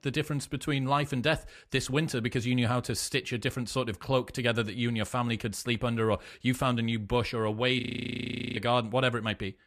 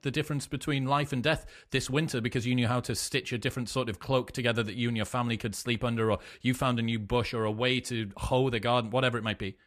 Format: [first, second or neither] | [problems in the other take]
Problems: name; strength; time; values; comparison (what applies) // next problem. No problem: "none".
second | audio freezing; at 8 s for 1 s